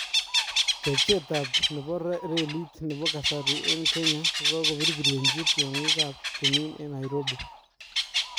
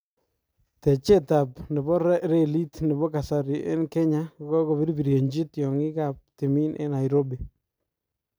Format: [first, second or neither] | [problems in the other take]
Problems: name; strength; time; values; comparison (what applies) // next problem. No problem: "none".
second | background sound (Bird); 4 dB above the speech